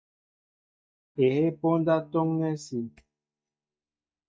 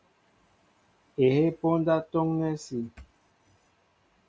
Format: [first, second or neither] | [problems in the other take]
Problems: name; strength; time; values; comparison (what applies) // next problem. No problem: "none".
second | noise reduction (neural mask model DeepFilterNet 3)